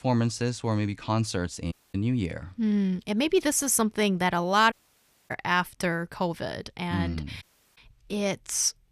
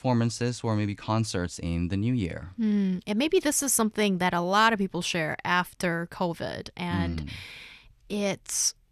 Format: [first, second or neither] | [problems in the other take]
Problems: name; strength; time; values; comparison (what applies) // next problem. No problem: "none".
second | audio cutting out; at 1.5 s, at 4.5 s for 0.5 s and at 7.5 s